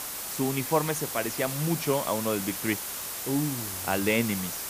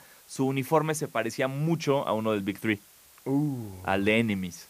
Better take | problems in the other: second | hiss; loud; throughout; 3 dB below the speech; faint in the second

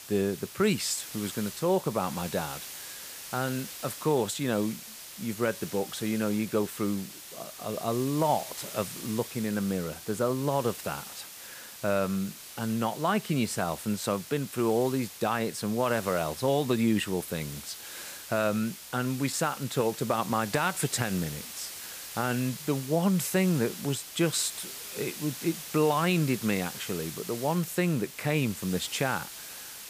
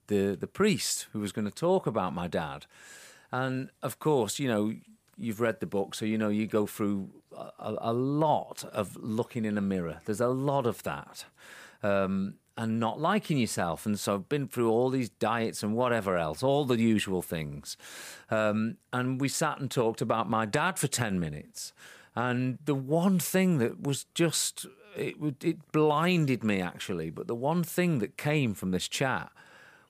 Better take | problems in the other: second | hiss; noticeable; throughout; 10 dB below the speech

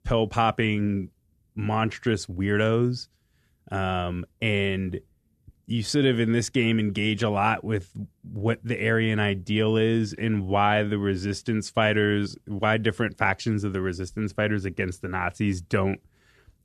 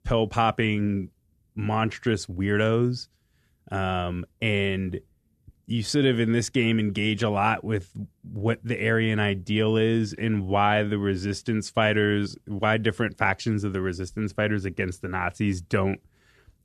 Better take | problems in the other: neither | none

